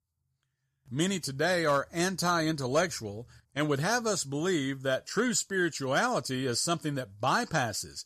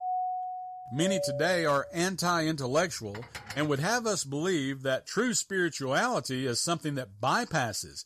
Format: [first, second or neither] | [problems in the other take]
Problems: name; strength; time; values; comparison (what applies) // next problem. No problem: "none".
first | doorbell; noticeable; until 2 s; peak 3 dB below the speech // clattering dishes; faint; at 3 s; peak 10 dB below the speech